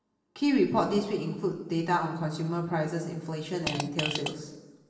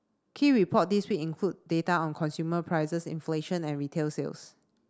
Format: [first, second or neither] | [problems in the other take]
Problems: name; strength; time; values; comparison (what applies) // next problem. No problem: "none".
second | background sound (Fart); 5 dB below the speech // room echo; dies away in 1.2 s